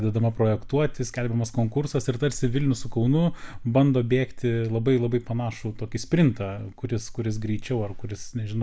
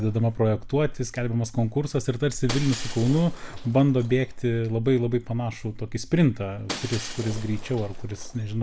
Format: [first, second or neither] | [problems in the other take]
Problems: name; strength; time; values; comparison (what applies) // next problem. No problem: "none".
first | background sound (Shatter); 17 dB below the speech